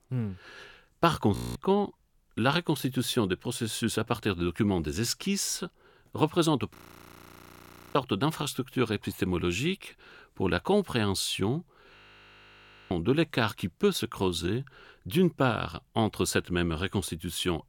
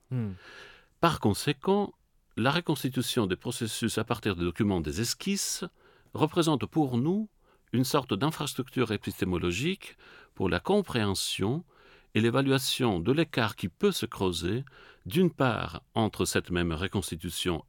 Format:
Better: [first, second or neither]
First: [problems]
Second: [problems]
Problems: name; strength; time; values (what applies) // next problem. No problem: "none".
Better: second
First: audio freezing; at 1.5 s, at 7 s for 1 s and at 12 s for 1 s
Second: none